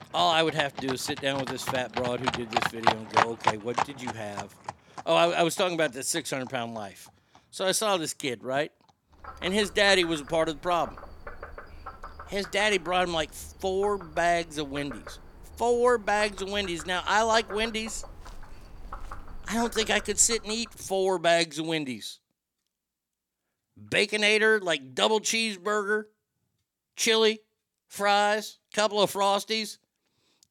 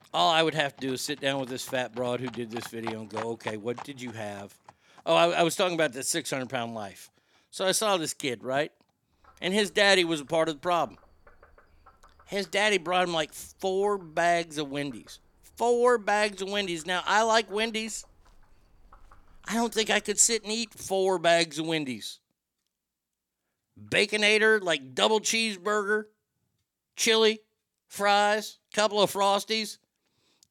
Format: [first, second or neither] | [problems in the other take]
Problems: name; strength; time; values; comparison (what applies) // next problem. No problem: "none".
second | animal sounds; loud; until 21 s; 9 dB below the speech; faint in the second